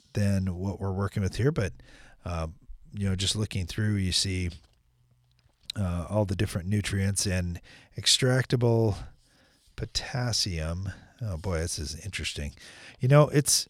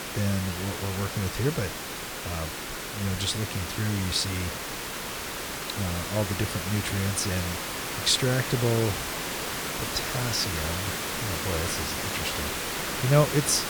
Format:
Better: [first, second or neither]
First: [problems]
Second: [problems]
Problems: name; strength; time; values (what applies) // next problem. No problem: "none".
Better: first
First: none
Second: hiss; loud; throughout; 2 dB below the speech